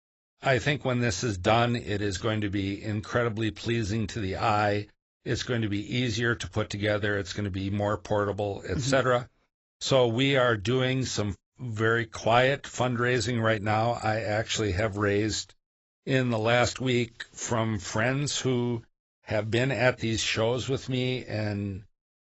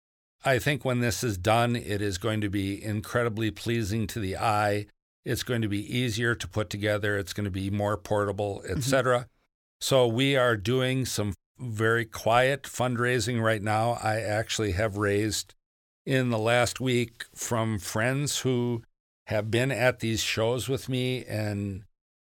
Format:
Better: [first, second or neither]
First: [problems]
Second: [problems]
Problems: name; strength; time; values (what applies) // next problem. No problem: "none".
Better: second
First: garbled, watery; badly; nothing above 8 kHz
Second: none